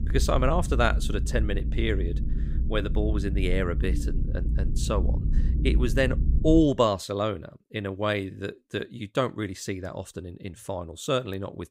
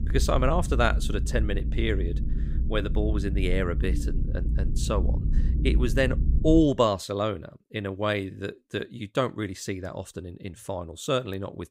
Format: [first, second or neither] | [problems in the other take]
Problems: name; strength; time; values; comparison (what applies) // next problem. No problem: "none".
neither | low rumble; noticeable; until 6.5 s; 15 dB below the speech; the same in both